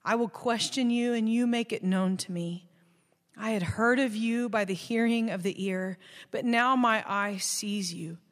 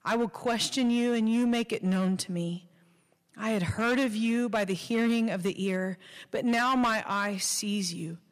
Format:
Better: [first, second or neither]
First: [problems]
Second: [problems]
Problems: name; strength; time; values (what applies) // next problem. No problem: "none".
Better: first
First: none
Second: distortion; slight; 10% of the sound clipped